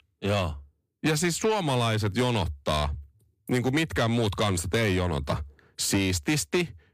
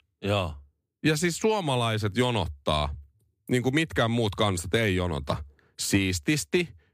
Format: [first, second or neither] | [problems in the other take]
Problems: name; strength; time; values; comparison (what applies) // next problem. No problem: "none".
second | distortion; slight; 10 dB below the speech